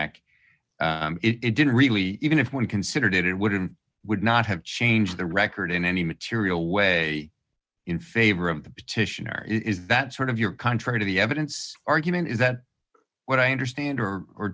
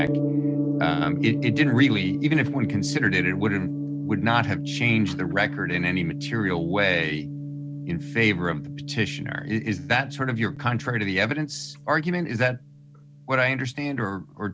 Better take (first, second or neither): first